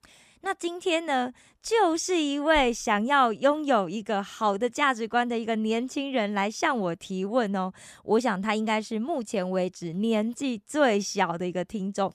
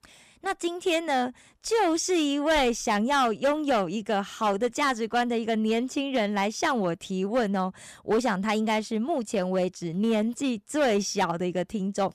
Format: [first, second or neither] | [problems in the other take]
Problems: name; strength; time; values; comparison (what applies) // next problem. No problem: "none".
first | distortion; slight; 6% of the sound clipped